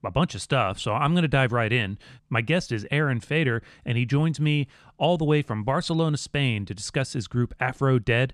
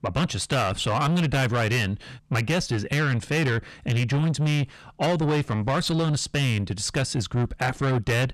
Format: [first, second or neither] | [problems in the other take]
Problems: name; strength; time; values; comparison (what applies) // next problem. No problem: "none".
first | distortion; heavy; 7 dB below the speech